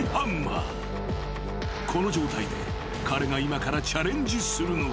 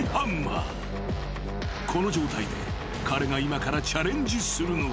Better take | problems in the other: second | background sound (Wind instrument, woodwind instrument); 13 dB below the speech

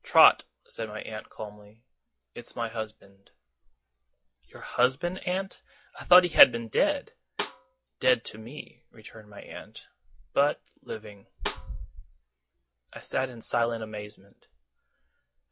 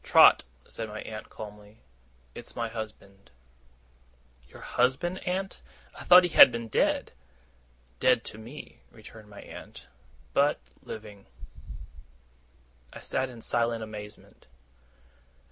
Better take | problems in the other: second | noise reduction (classical method log-MMSE)

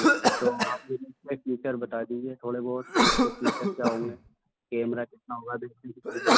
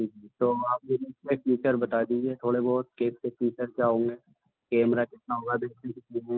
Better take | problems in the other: second | background sound (Cough); 4 dB above the speech

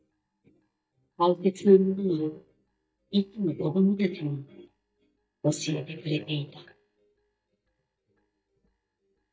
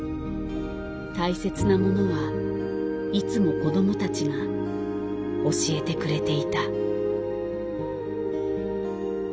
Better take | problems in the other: second | noise reduction (neural mask model DeepFilterNet 3)

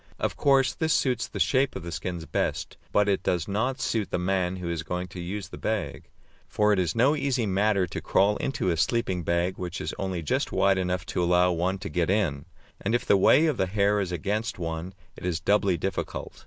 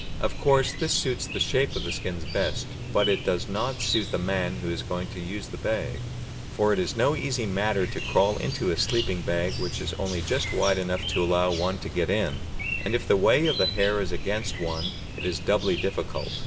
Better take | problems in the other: first | background sound (Chirp, tweet); 6 dB below the speech // room echo; dies away in 0.2 s

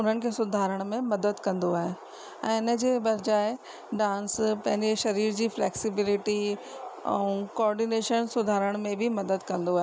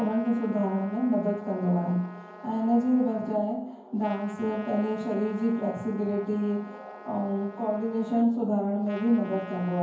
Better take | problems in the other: first | background sound (Trumpet); 19 dB below the speech // room echo; dies away in 0.9 s

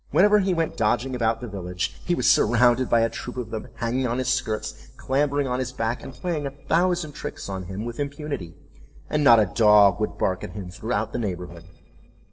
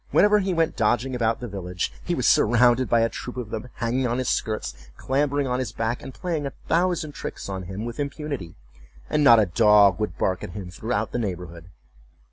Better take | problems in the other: second | noise reduction (neural separator model SepFormer DNS4)

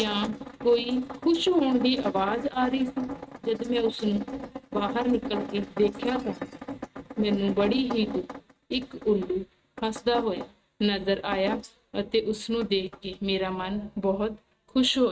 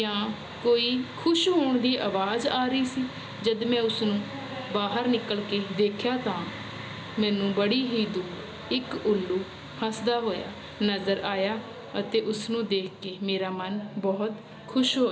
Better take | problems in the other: second | noise reduction (neural mask model RNNoise)

